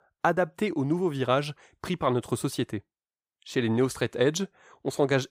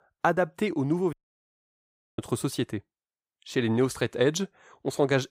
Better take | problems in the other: first | audio cutting out; at 1 s for 1 s

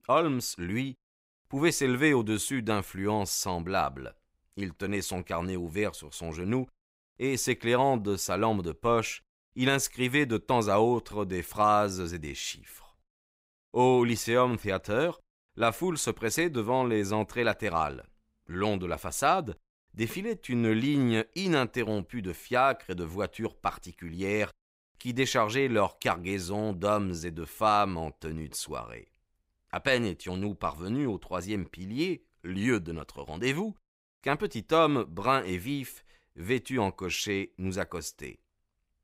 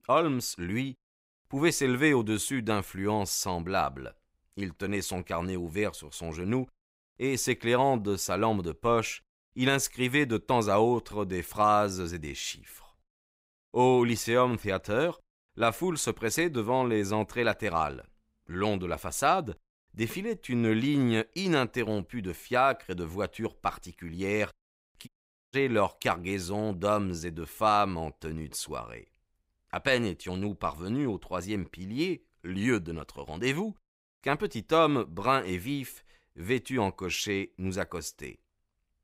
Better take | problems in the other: first | audio cutting out; at 25 s

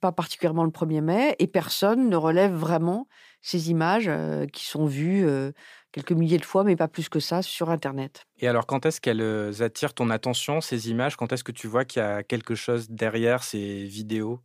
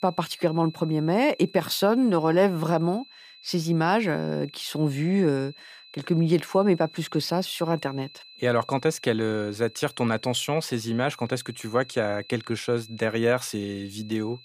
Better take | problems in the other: first | high-pitched whine; faint; throughout; 4 kHz, 20 dB below the speech

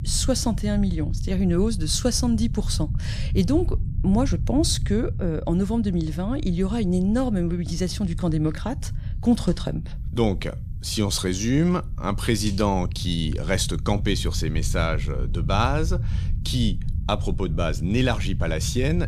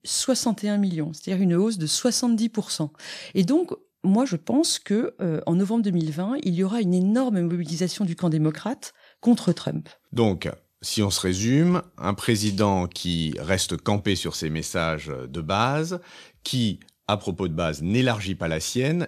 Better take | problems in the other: second | low rumble; noticeable; throughout; 15 dB below the speech

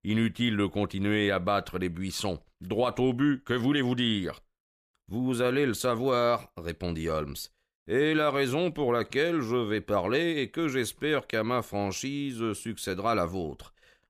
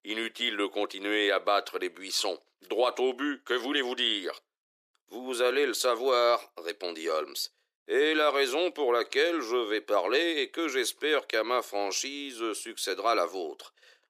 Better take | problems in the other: first | thin; somewhat; fading below 350 Hz

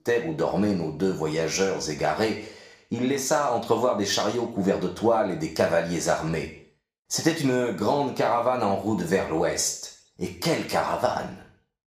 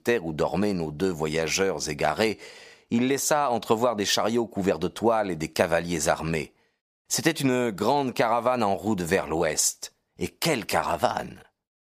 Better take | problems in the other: second | room echo; slight; dies away in 0.5 s // off-mic speech; somewhat distant

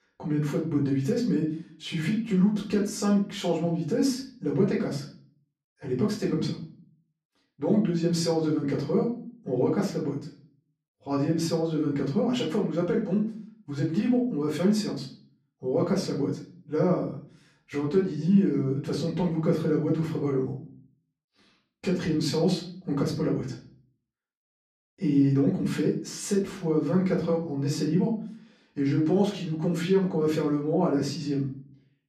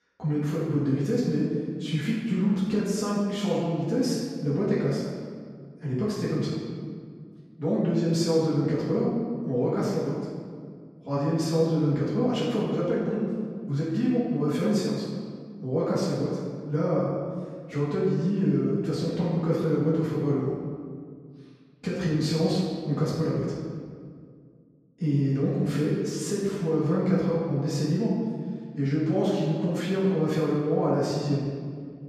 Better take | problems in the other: first | room echo; strong; dies away in 1.7 s; slight in the first // off-mic speech; far; far in the first

